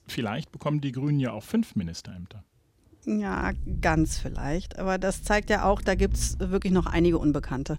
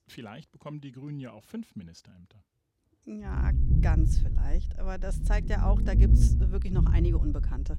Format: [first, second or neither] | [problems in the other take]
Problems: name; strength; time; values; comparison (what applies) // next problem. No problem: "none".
first | low rumble; loud; from 3.5 s on; 1 dB below the speech; faint in the first